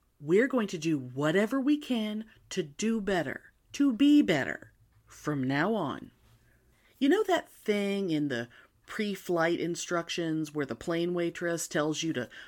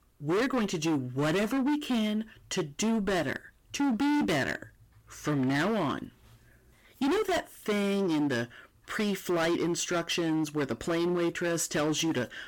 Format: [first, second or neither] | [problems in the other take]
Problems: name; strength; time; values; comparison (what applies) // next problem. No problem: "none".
first | distortion; heavy; 20% of the sound clipped